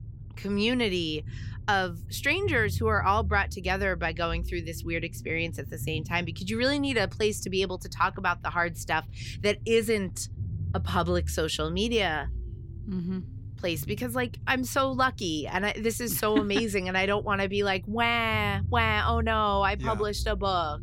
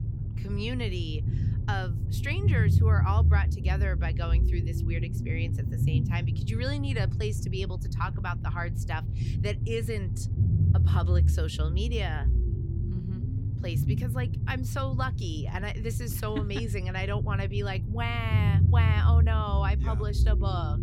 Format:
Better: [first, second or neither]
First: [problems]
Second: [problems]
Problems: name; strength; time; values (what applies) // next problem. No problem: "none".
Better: first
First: low rumble; faint; throughout; 25 dB below the speech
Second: low rumble; loud; throughout; 7 dB below the speech